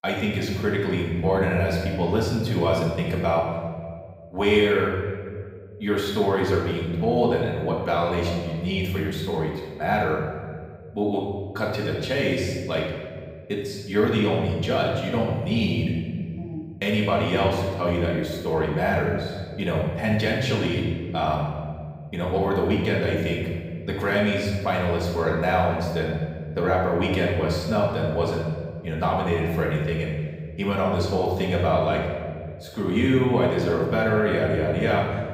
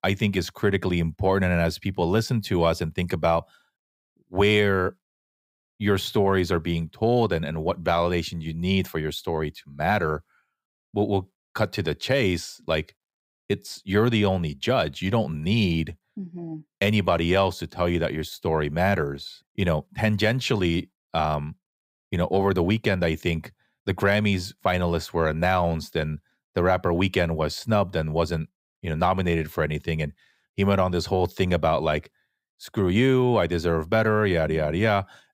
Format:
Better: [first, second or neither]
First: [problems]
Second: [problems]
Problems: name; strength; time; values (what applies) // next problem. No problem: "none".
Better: second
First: off-mic speech; far // room echo; noticeable; dies away in 1.6 s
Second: none